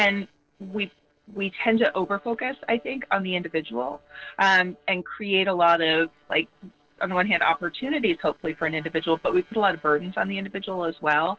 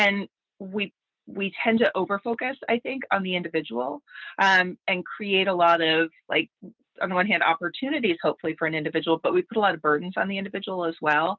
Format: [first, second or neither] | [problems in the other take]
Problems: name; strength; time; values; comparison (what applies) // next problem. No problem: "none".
second | noise reduction (neural separator model SepFormer DNS4)